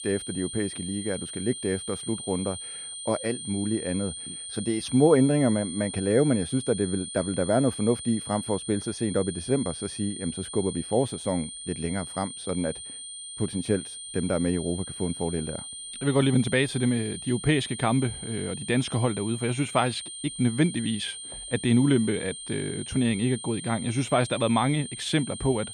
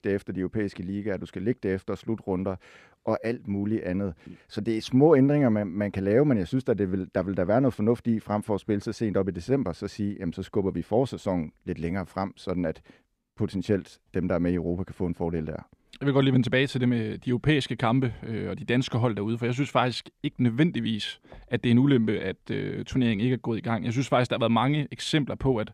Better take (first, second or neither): second